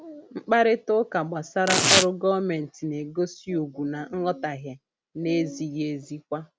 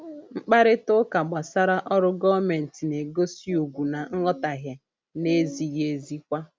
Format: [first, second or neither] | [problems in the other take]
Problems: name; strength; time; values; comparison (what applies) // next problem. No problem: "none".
second | background sound (Tearing); 2 dB above the speech